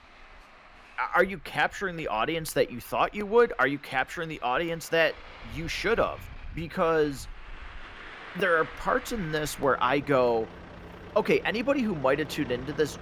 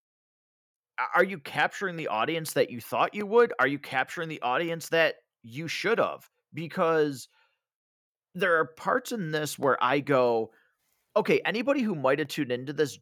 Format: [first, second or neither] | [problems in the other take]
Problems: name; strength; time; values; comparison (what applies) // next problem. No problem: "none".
second | traffic noise; noticeable; throughout; 20 dB below the speech